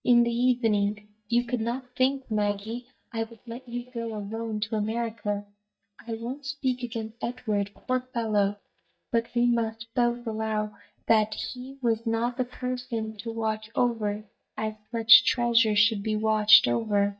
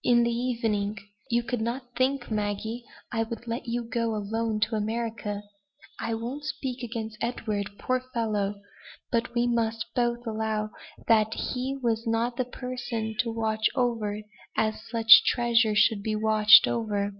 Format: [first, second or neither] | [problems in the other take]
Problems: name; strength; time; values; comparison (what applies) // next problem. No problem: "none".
second | noise reduction (neural mask model DeepFilterNet 3)